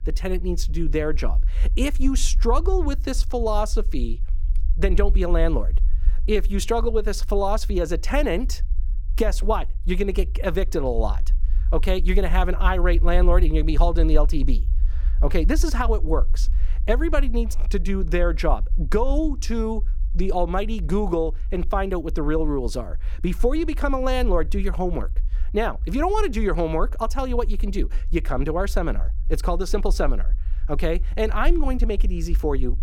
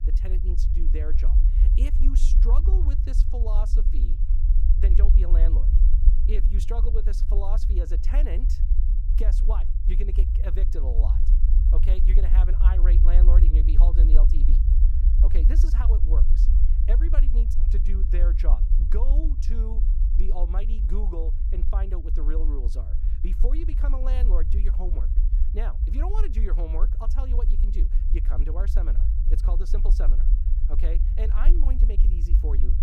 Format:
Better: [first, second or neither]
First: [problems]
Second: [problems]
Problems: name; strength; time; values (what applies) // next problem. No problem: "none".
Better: first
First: low rumble; faint; throughout; 25 dB below the speech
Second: low rumble; loud; throughout; 4 dB below the speech